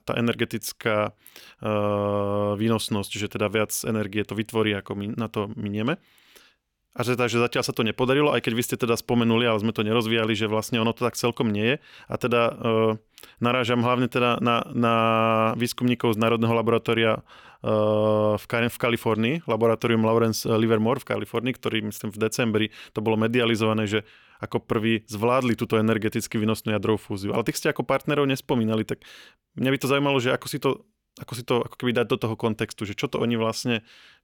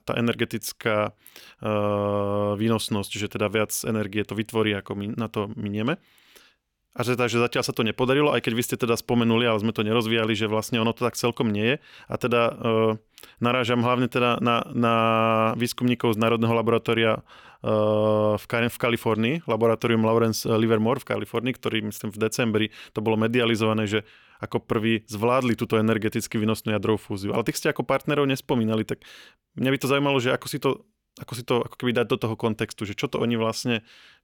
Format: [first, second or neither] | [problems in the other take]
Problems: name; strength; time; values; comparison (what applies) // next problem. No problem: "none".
neither | none